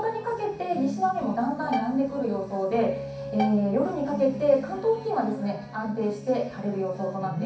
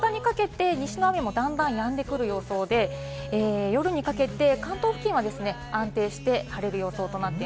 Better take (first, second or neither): second